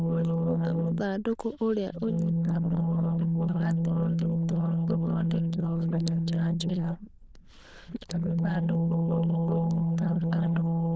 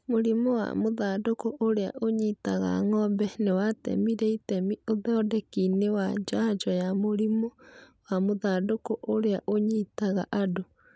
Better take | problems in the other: second | noise reduction (neural diffusion model UNIVERSE++)

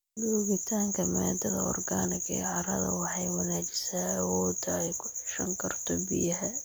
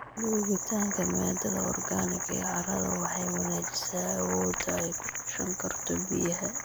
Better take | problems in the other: first | background sound (Boiling); 11 dB below the speech

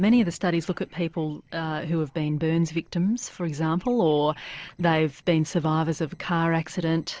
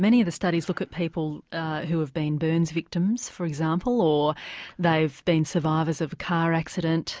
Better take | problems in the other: second | noise reduction (neural separator model SepFormer DNS4)

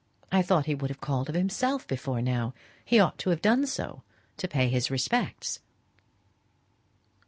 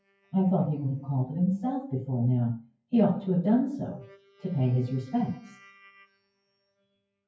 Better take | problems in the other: first | noise reduction (classical method WPE with log-MMSE)

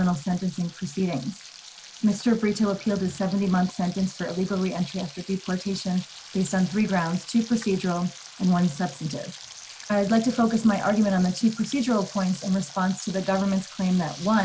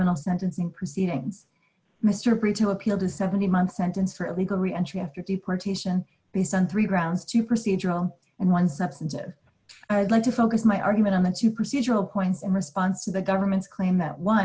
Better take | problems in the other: second | background sound (Frying (food)); 18 dB below the speech

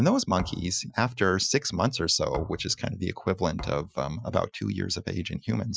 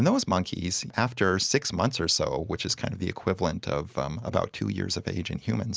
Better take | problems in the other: second | noise reduction (classical method Wiener filter)

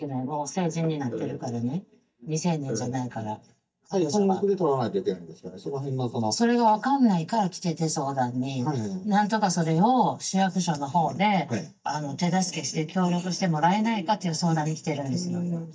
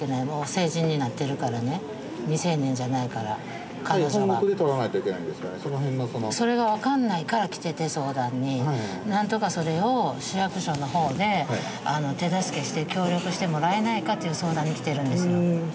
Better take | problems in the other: second | noise reduction (neural mask model DeepFilterNet 3)

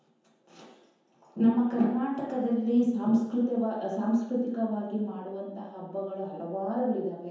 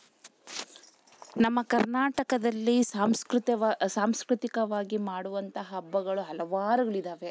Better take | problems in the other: second | room echo; dies away in 0.9 s

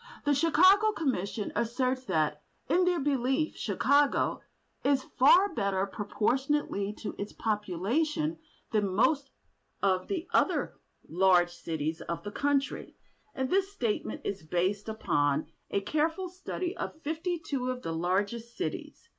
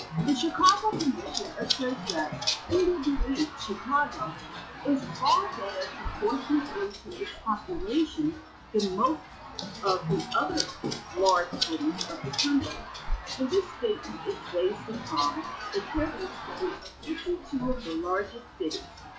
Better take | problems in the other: first | noise reduction (classical method log-MMSE)

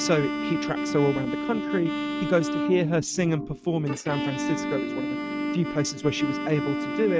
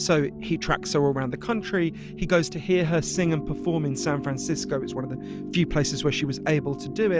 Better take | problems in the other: second | noise reduction (neural mask model RNNoise)

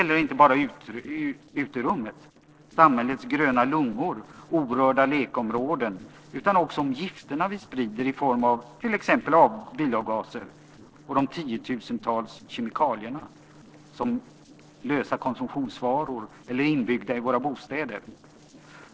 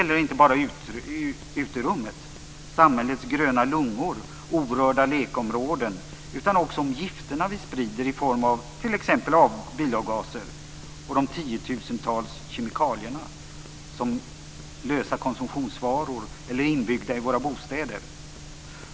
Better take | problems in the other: second | noise reduction (neural separator model SepFormer DNS4)

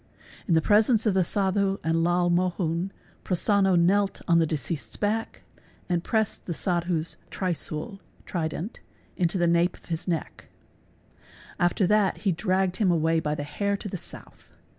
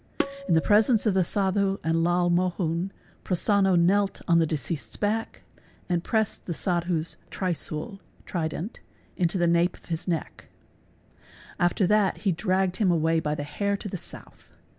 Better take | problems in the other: first | background sound (Tabla); 8 dB below the speech

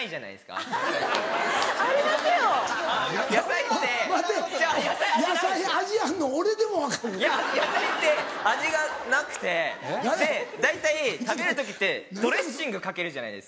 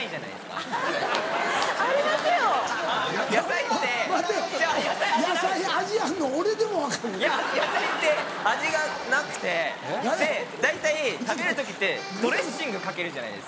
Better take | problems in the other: first | background sound (Chatter / Stream + Accordion); 13 dB below the speech

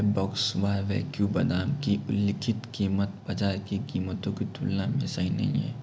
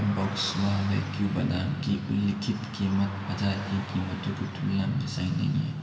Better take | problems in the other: first | background sound (Car passing by / Traffic noise, roadway noise); 15 dB below the speech // room echo; dies away in 2.6 s

